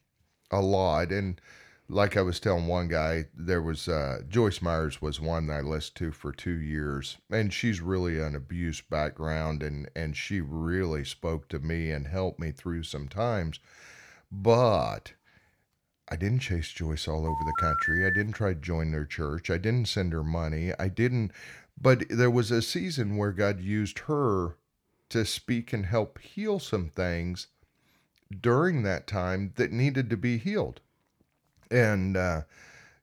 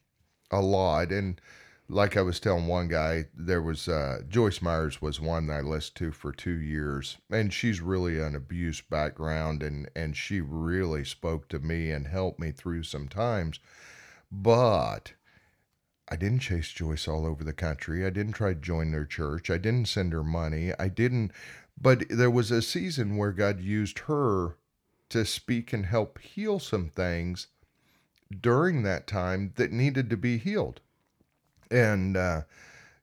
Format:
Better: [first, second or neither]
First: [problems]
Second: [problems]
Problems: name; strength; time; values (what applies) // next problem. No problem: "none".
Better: second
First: phone ringing; loud; at 17 s; peak 4 dB above the speech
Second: none